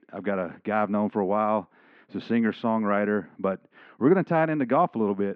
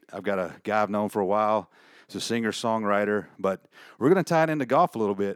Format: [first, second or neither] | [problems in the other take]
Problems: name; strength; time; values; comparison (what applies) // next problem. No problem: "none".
second | muffled; very; fading above 3 kHz